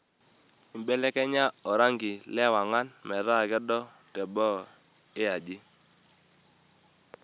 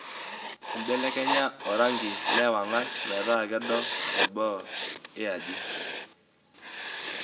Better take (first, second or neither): first